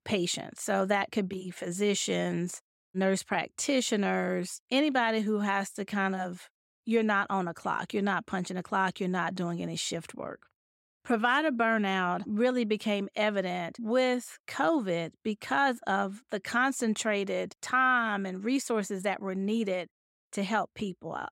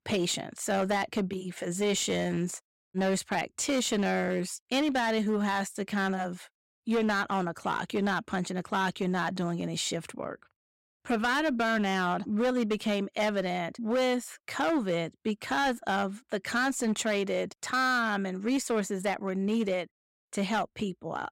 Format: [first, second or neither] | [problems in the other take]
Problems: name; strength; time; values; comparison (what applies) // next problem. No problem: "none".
first | distortion; slight; 10% of the sound clipped